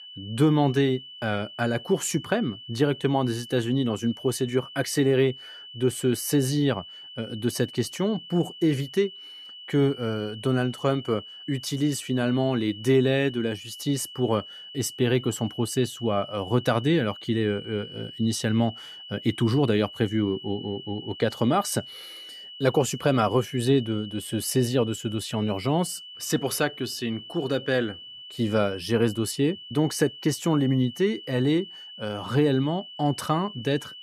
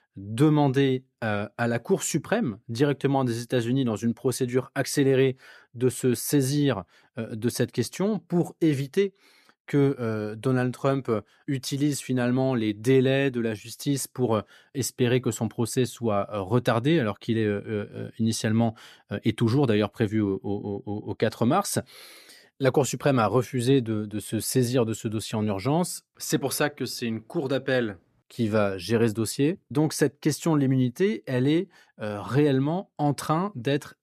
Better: second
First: high-pitched whine; noticeable; throughout; 3 kHz, 15 dB below the speech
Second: none

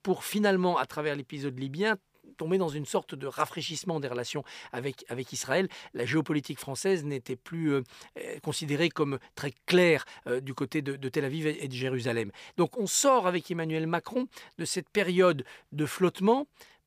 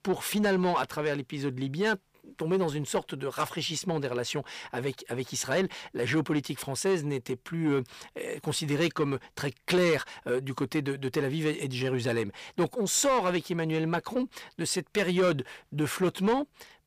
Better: first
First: none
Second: distortion; slight; 10 dB below the speech

